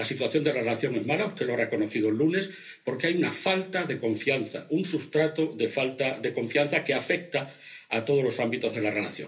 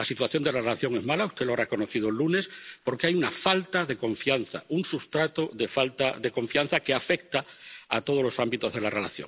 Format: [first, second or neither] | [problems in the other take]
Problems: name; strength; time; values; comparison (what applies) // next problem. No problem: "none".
second | room echo; dies away in 0.3 s